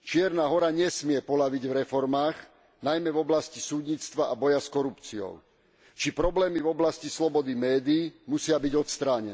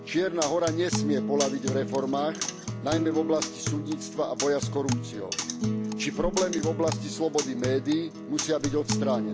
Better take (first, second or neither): first